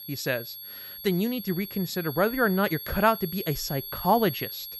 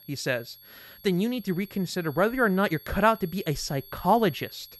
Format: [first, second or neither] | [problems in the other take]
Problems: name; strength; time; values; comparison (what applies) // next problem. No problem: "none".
second | high-pitched whine; loud; throughout; 11.5 kHz, 9 dB below the speech; faint in the second